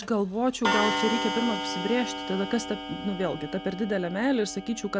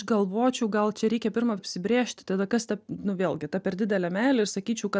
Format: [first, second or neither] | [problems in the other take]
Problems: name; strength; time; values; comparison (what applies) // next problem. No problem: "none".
second | background sound (Clock); 4 dB below the speech